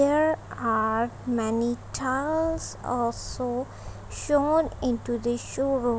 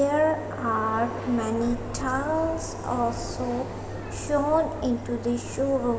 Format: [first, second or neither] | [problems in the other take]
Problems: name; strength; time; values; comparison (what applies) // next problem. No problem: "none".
first | background sound (Subway, metro, underground); 10 dB below the speech // room echo; dies away in 1.9 s